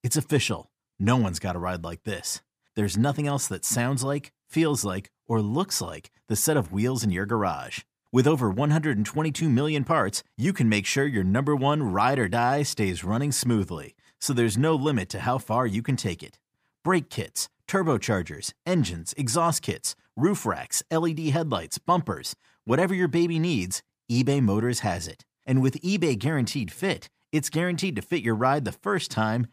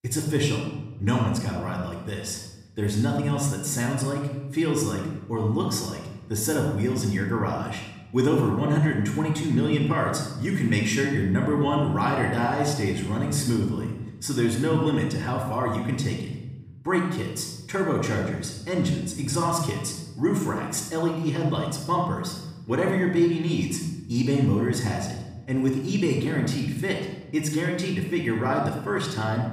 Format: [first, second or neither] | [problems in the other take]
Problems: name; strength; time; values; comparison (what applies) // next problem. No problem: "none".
first | off-mic speech; far // room echo; noticeable; dies away in 1 s